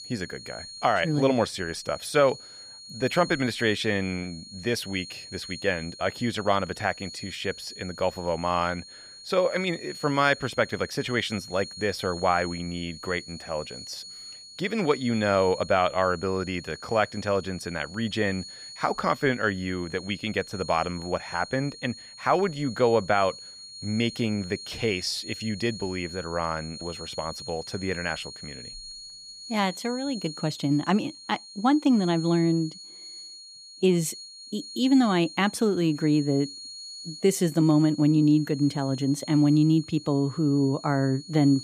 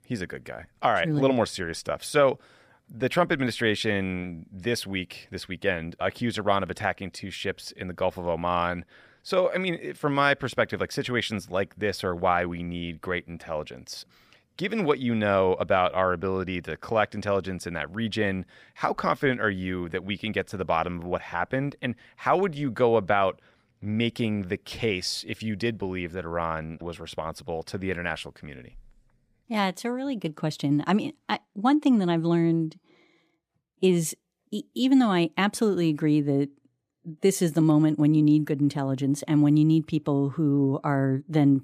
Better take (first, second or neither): second